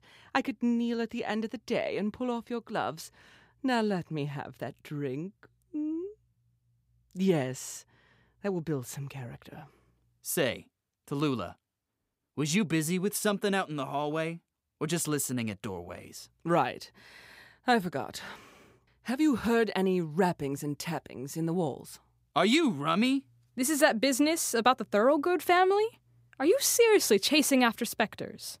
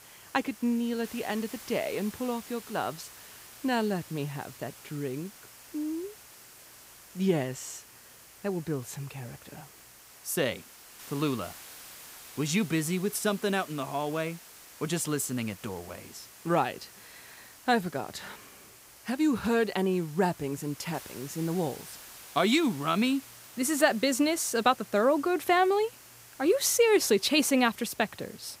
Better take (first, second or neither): first